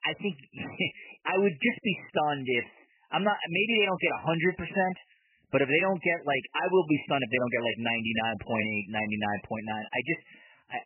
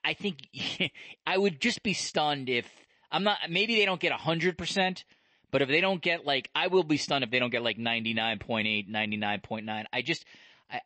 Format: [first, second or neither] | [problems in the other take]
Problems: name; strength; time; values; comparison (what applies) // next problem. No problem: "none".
second | garbled, watery; badly; nothing above 3 kHz; slightly in the second